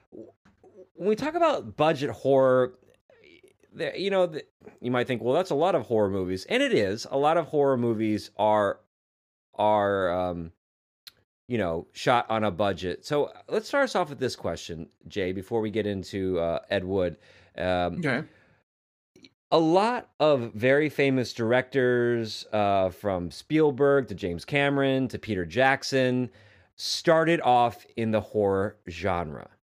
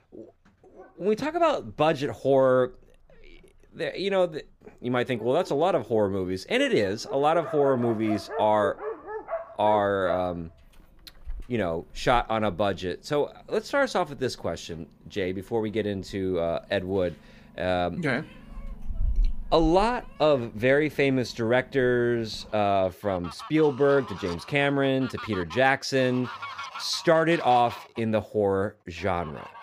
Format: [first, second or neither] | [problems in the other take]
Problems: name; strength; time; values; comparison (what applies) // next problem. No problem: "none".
first | animal sounds; noticeable; throughout; 15 dB below the speech